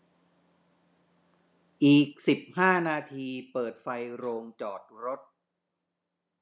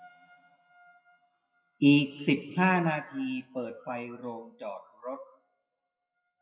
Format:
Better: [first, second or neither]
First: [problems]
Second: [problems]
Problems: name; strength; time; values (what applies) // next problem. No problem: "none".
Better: first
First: none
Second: noise reduction (classical method WPE with log-MMSE)